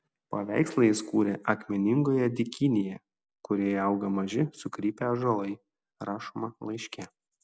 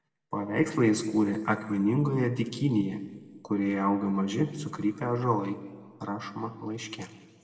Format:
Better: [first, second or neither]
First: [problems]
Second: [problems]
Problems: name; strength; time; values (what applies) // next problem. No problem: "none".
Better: first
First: none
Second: room echo; dies away in 1.5 s